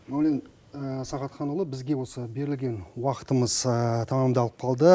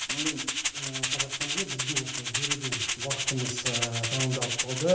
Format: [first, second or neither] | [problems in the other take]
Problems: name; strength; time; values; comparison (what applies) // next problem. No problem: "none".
first | background sound (Rattle (instrument)); 2 dB above the speech // room echo; dies away in 0.8 s